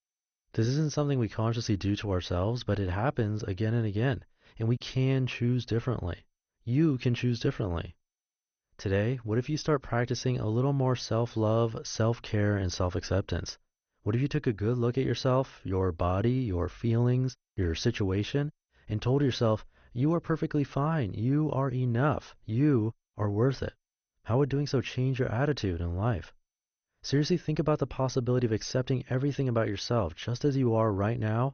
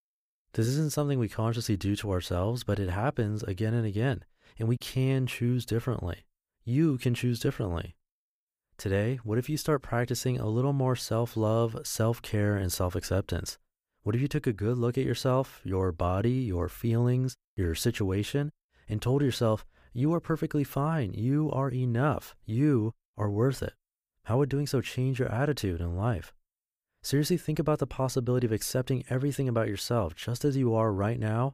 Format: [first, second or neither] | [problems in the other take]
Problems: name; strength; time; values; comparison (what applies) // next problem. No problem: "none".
second | garbled, watery; slightly; nothing above 6.5 kHz